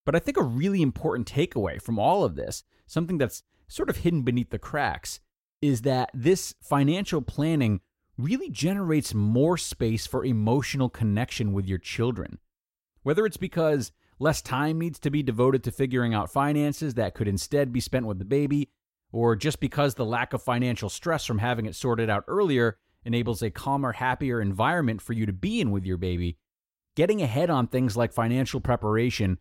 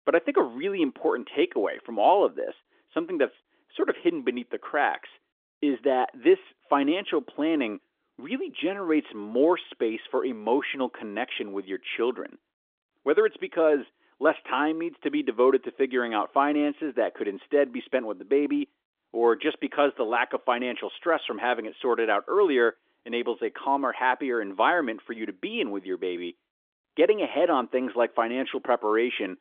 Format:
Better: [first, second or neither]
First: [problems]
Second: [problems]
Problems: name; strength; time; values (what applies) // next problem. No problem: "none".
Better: first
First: none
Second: phone-call audio; nothing above 3.5 kHz